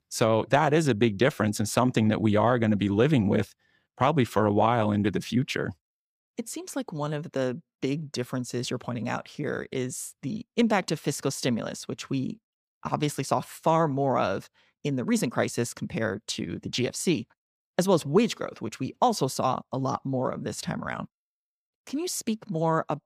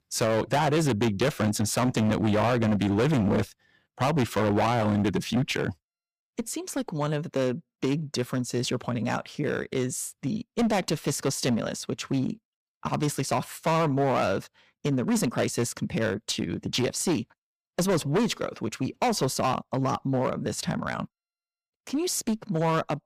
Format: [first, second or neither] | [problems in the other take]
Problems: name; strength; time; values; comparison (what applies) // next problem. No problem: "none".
first | distortion; heavy; 11% of the sound clipped